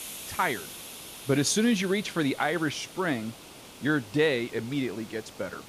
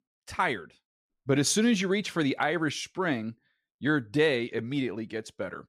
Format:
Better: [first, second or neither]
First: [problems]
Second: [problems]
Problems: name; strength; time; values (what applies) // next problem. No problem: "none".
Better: second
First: hiss; noticeable; throughout; 15 dB below the speech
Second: none